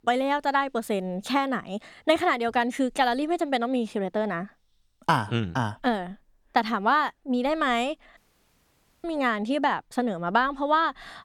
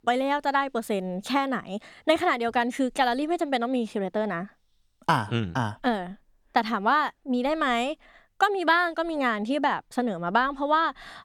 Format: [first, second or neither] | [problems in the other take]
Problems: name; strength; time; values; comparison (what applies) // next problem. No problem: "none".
second | audio cutting out; at 8 s for 1 s